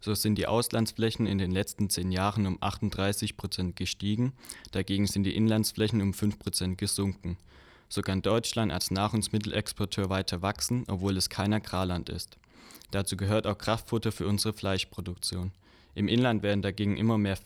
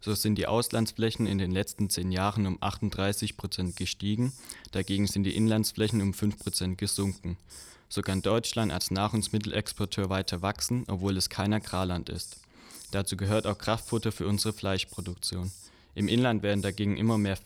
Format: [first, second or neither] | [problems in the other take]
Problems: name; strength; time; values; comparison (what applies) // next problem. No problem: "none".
first | hiss; noticeable; throughout; 20 dB below the speech